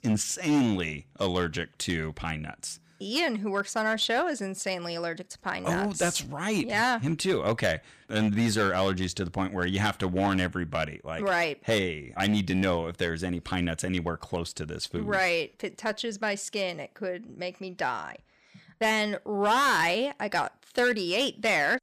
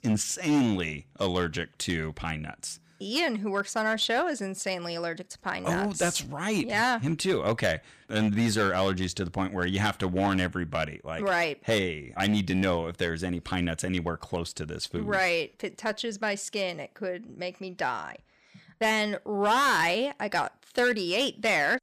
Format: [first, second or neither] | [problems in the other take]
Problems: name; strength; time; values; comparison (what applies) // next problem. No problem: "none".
neither | distortion; slight; 5% of the sound clipped; the same in both